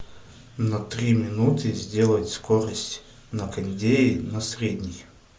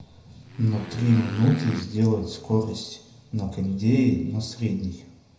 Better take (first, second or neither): first